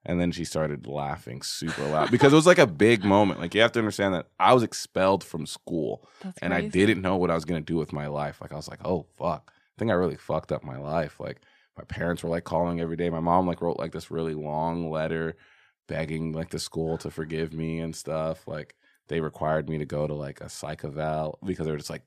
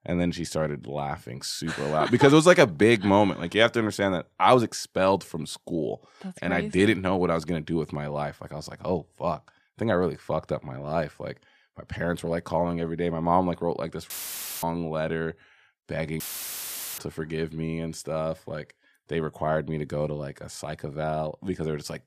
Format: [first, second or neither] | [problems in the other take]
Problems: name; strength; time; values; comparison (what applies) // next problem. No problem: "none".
first | audio cutting out; filled with static; at 14 s for 0.5 s and at 16 s for 1 s